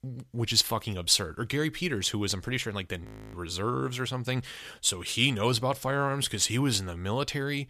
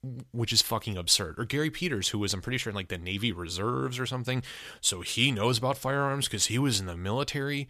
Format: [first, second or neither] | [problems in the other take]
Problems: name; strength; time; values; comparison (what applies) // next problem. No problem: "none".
second | audio freezing; at 3 s